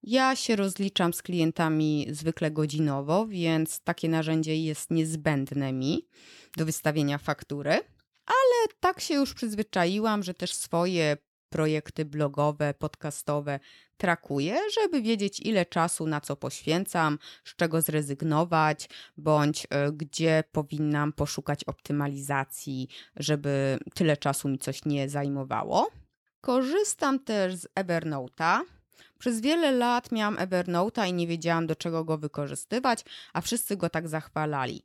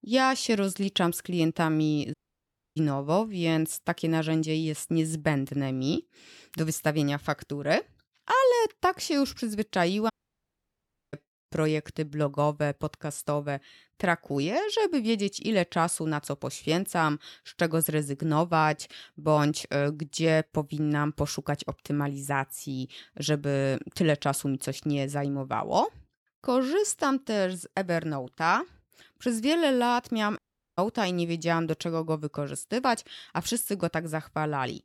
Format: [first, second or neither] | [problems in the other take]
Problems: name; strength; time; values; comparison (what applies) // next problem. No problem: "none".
first | audio cutting out; at 2 s for 0.5 s, at 10 s for 1 s and at 30 s